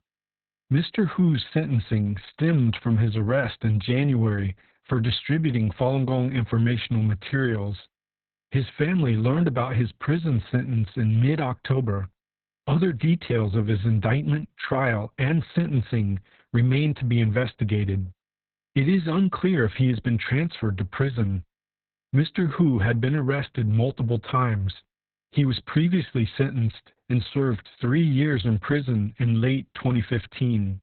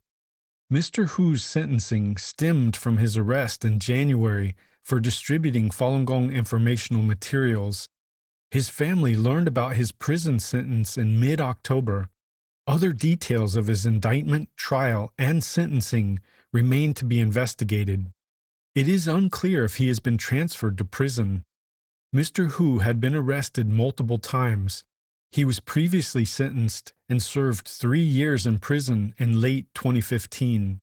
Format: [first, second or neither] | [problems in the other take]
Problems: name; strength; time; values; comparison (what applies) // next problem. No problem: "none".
second | garbled, watery; badly; nothing above 4 kHz; slightly in the second